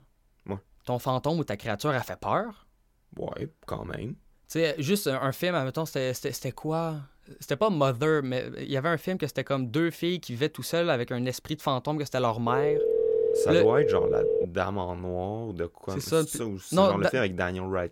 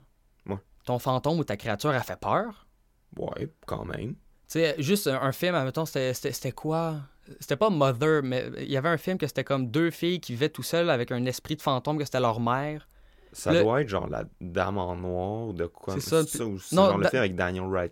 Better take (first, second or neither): second